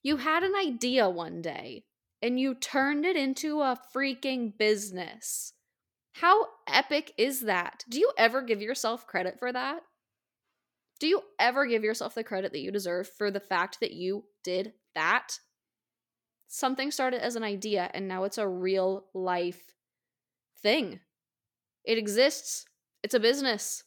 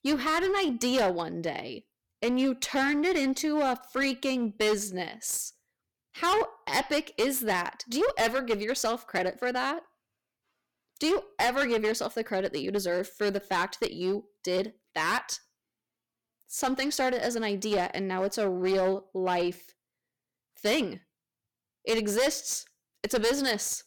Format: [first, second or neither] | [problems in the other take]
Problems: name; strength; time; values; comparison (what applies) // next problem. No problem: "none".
first | distortion; heavy; 10% of the sound clipped